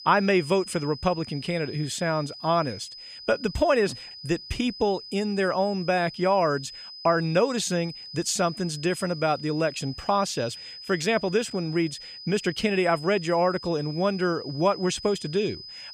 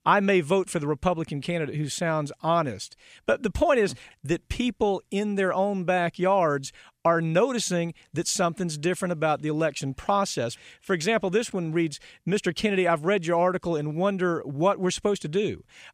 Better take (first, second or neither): second